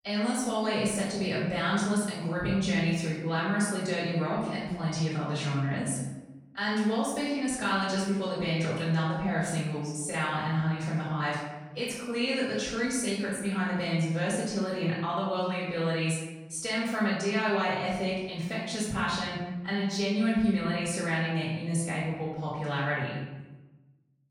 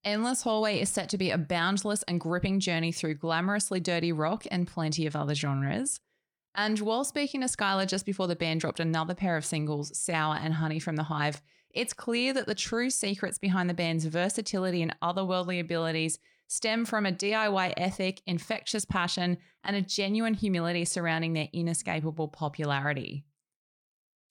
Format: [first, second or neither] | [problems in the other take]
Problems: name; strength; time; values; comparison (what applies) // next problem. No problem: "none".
second | off-mic speech; far // room echo; noticeable; dies away in 1 s